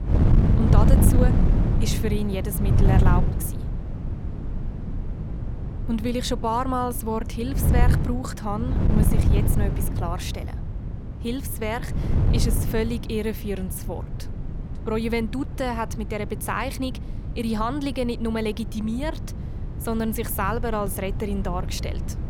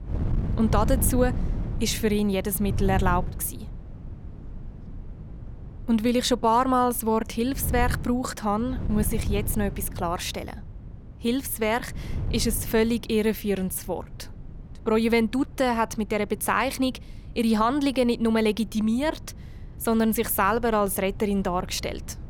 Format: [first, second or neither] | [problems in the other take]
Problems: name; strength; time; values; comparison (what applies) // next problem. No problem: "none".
second | wind noise on the microphone; heavy; 7 dB below the speech; occasional gusts in the second